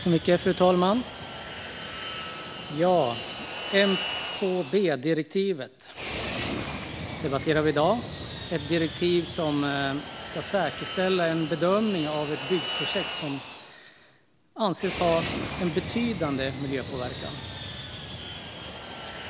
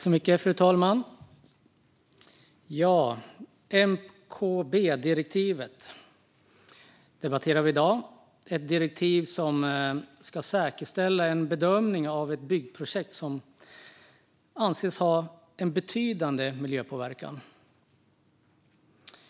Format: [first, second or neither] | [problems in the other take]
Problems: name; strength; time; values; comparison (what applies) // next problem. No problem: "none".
second | background sound (Fixed-wing aircraft, airplane); 8 dB below the speech